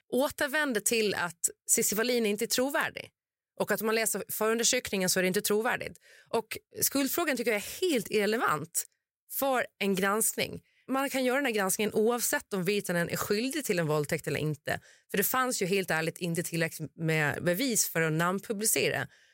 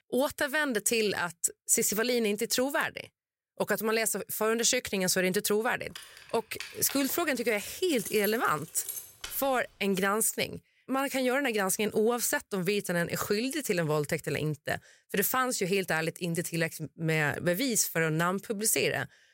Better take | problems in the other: first | jangling keys; noticeable; from 6 to 9.5 s; peak 8 dB below the speech

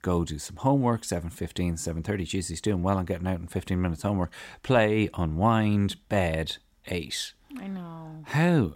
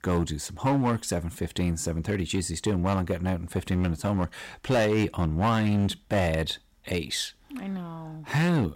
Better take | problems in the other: first | distortion; slight; 7% of the sound clipped

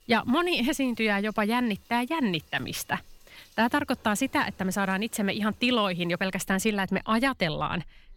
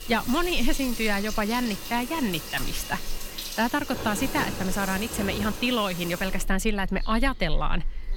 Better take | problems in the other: first | animal sounds; loud; throughout; 7 dB below the speech; faint in the first

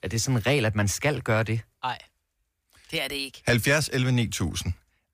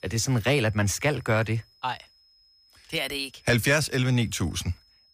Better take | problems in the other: first | high-pitched whine; faint; throughout; 5 kHz, 30 dB below the speech

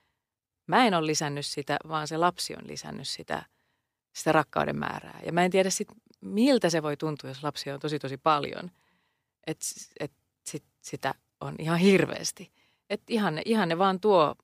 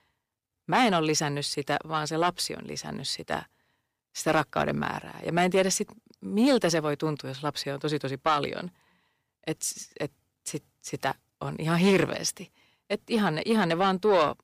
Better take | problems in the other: first | distortion; slight; 10 dB below the speech

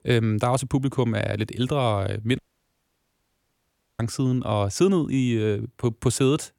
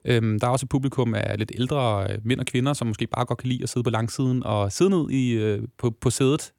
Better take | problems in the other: second | audio cutting out; at 2.5 s for 1.5 s

